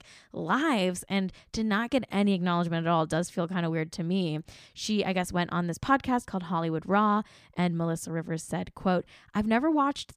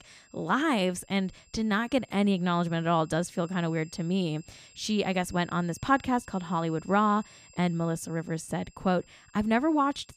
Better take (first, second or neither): first